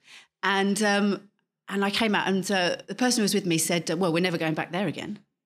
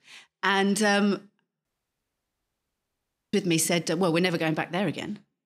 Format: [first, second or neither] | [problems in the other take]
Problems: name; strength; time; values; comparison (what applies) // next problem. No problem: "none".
first | audio cutting out; at 1.5 s for 1.5 s